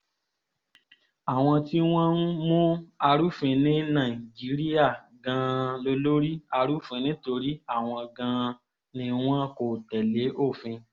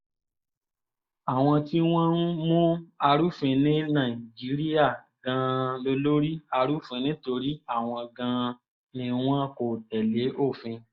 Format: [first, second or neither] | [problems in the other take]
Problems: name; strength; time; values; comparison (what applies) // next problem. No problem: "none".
first | noise reduction (neural mask model Resemble Enhance denoiser)